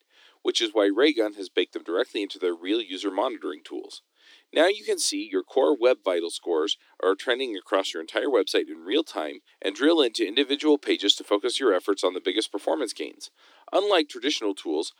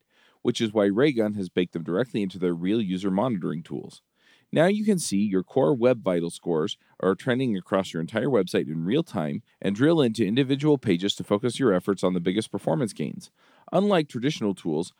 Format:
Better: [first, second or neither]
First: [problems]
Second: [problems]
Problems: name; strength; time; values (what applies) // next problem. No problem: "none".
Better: second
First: thin; somewhat; fading below 300 Hz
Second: none